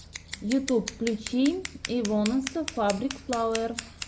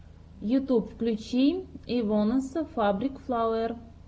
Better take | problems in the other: second | background sound (Scissors); 11 dB below the speech

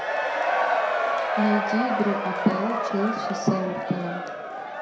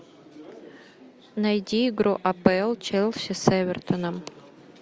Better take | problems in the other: second | background sound (Crowd / Cheering); 1 dB above the speech // room echo; dies away in 0.6 s

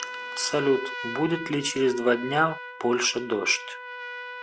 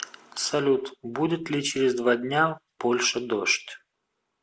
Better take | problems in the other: second | background sound (Trumpet); 11 dB below the speech

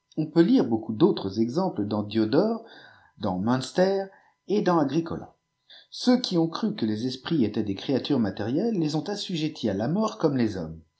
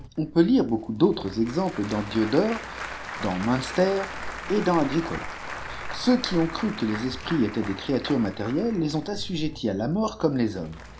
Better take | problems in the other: first | background sound (Applause / Crowd); 11 dB below the speech

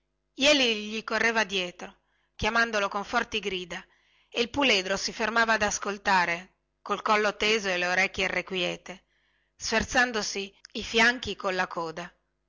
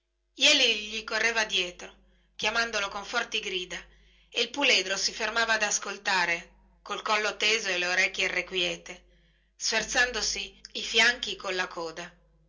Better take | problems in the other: first | room echo; dies away in 0.2 s

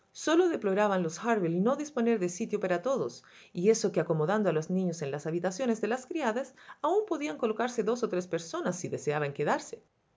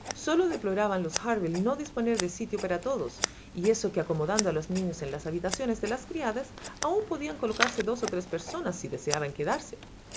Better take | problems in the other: first | background sound (Scissors); 9 dB below the speech

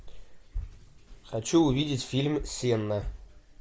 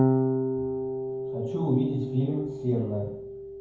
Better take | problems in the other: first | background sound (Electric guitar / Bass guitar); 1 dB above the speech // room echo; dies away in 0.9 s

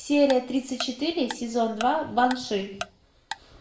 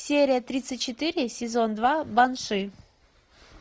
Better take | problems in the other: second | background sound (Tick-tock); 15 dB below the speech // room echo; dies away in 0.5 s

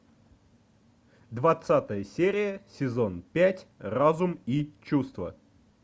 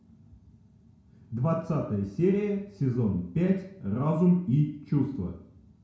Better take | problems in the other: first | room echo; dies away in 0.5 s

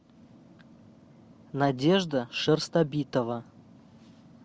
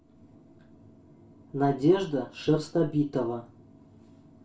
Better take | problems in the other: first | room echo; dies away in 0.3 s

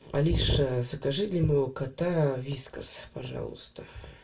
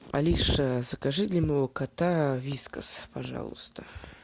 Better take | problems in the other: second | room echo; dies away in 0.2 s

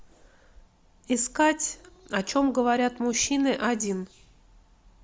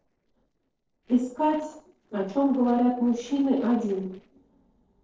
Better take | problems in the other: first | noise reduction (neural separator model SepFormer DNS4)

